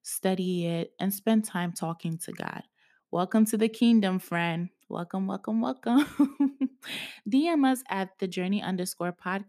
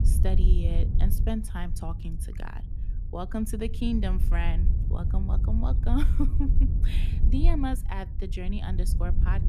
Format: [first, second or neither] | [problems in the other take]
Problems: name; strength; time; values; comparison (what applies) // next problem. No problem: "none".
first | wind noise on the microphone; heavy; 8 dB below the speech